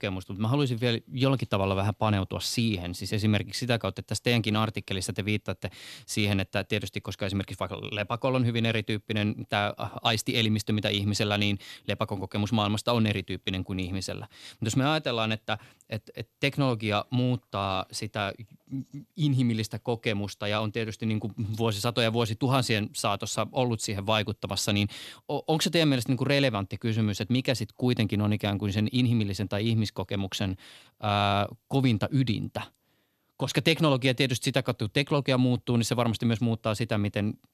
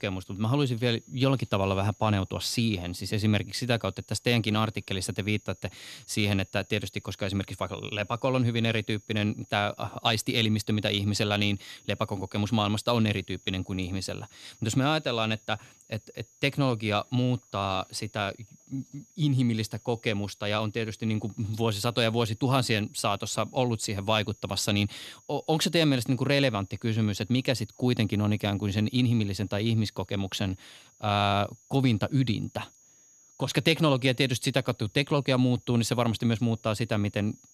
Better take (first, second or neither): first